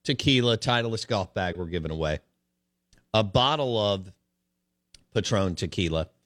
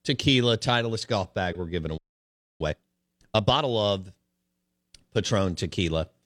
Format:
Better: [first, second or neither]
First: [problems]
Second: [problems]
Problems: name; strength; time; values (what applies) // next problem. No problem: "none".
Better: first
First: none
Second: audio freezing; at 2 s for 0.5 s